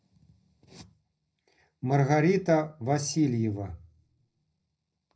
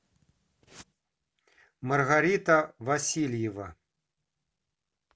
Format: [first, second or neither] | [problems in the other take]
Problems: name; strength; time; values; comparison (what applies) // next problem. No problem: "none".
second | room echo; dies away in 0.3 s